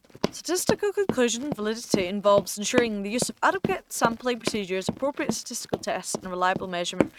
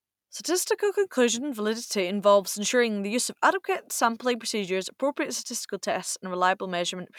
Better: second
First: noise reduction (neural mask model RNNoise)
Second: none

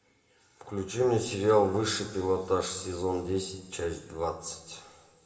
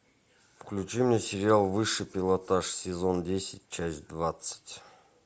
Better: second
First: room echo; dies away in 1.6 s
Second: none

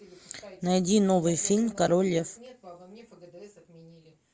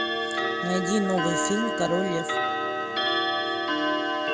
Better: first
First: none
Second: background sound (Clock); 3 dB above the speech

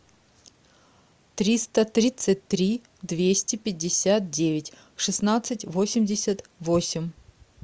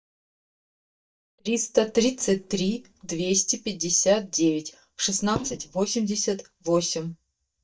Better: first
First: none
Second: noise reduction (neural mask model DeepFilterNet 3)

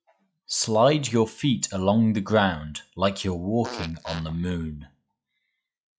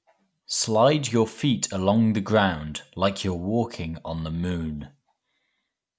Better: second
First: noise reduction (classical method log-MMSE)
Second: none

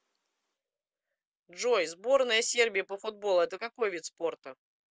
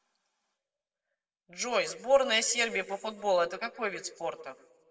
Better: first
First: none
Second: room echo; dies away in 1.1 s

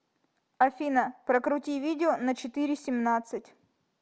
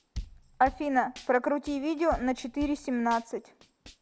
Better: first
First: none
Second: background sound (Tambourine / Drum / Drum kit); 16 dB below the speech

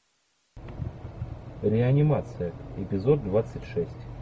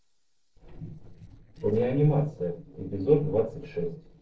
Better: first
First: none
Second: noise reduction (neural separator model SepFormer DNS4)

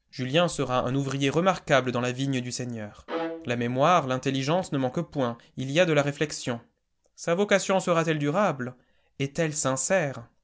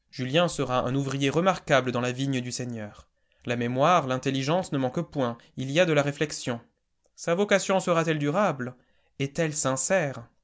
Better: second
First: background sound (Bowed string instrument); 11 dB below the speech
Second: none

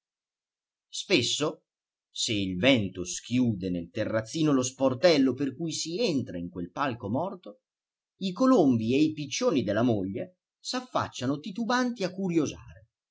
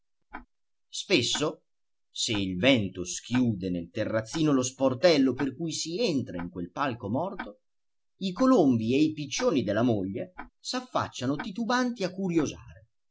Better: first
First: none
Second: background sound (Tick-tock); 20 dB below the speech

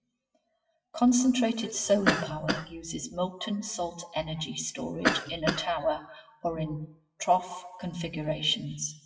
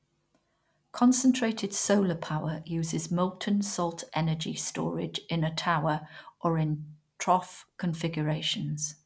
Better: second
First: noise reduction (classical method WPE with log-MMSE)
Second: none

